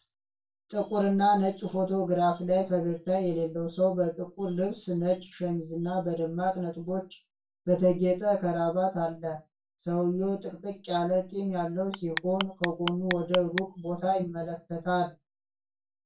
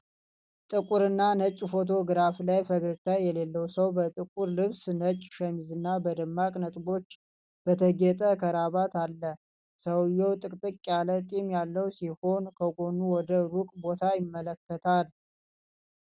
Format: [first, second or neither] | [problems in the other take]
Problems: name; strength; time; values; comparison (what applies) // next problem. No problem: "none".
second | background sound (Clock); 7 dB below the speech // room echo; dies away in 0.2 s